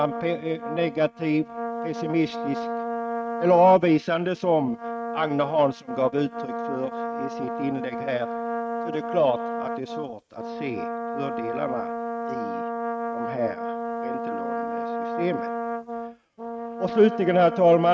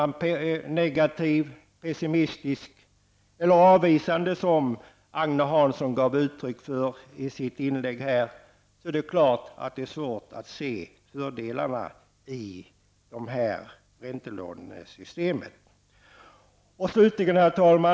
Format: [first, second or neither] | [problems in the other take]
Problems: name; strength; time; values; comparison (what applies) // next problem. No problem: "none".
second | noise reduction (neural mask model RNNoise)